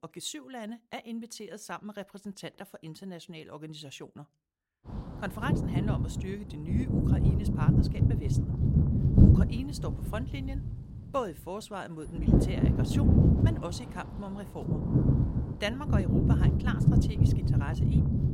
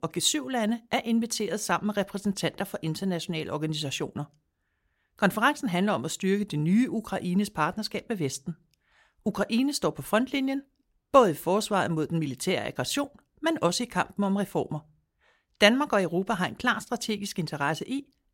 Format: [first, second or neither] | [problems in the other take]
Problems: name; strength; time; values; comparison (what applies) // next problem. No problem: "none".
second | wind noise on the microphone; heavy; from 5 s on; 4 dB above the speech